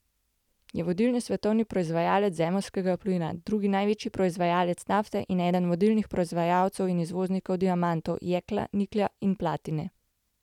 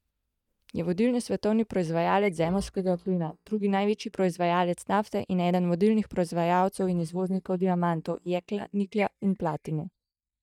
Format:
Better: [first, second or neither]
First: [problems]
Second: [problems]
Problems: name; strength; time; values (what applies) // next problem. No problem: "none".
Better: first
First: none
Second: noise reduction (neural mask model DeepFilterNet 3)